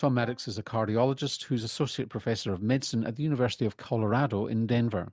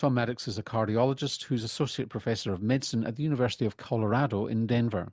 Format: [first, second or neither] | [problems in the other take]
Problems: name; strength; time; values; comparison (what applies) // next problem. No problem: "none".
second | noise reduction (neural mask model DeepFilterNet 3)